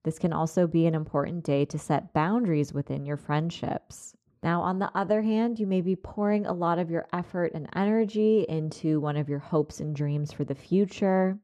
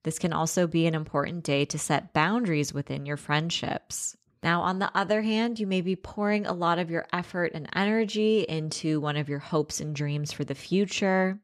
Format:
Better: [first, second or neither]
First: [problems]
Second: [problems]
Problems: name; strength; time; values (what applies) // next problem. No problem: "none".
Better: second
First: muffled; slightly; fading above 1.5 kHz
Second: none